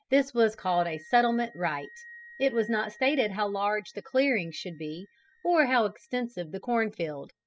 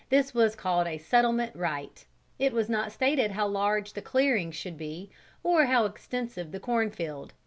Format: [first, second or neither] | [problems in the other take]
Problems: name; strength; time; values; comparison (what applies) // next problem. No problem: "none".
second | noise reduction (classical method spectral subtraction)